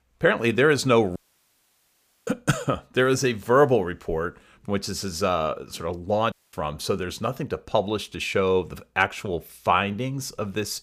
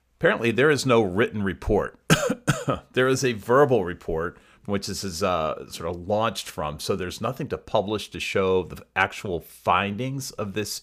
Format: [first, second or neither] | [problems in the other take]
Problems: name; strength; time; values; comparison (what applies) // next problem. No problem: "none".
second | audio cutting out; at 1 s for 1 s and at 6.5 s